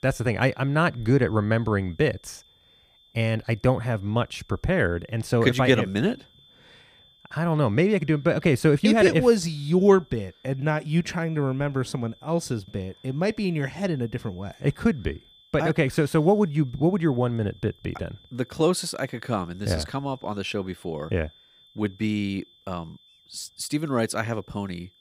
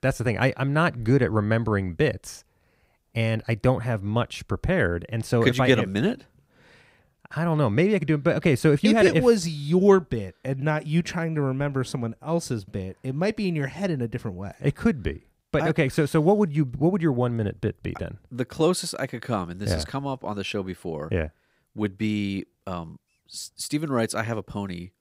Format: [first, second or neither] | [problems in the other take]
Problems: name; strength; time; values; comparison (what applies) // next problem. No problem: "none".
second | high-pitched whine; faint; throughout; 3.5 kHz, 30 dB below the speech